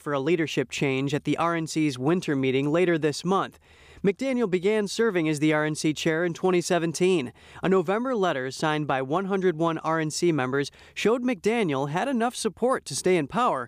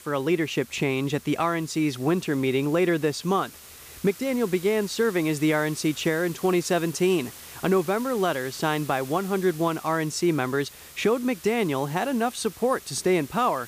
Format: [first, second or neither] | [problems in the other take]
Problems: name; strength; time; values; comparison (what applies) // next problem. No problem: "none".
first | hiss; noticeable; throughout; 15 dB below the speech